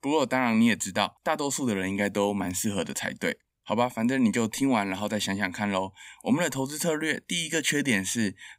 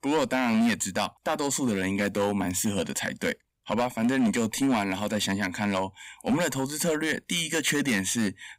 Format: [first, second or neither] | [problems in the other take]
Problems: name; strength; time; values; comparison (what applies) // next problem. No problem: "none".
first | distortion; slight; 8% of the sound clipped